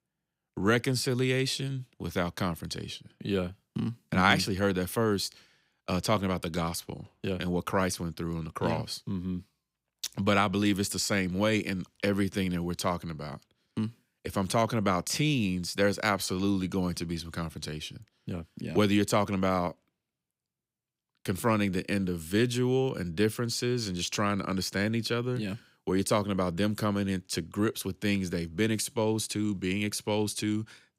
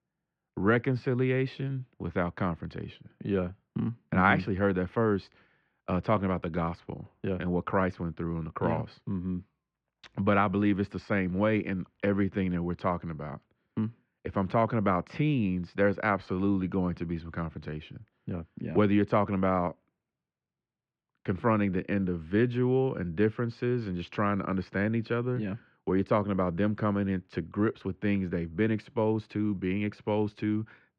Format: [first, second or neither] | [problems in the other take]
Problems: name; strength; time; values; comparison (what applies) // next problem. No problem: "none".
first | muffled; very; fading above 2 kHz